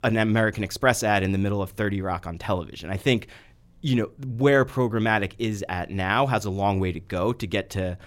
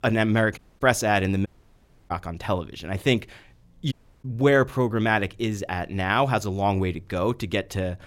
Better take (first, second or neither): first